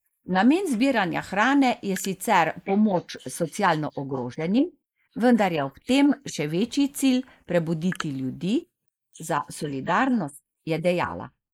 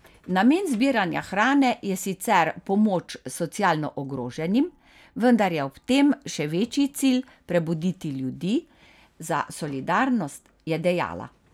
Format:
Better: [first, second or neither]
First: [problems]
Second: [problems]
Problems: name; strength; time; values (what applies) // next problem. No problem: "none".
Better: second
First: noise reduction (neural mask model Resemble Enhance denoiser)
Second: none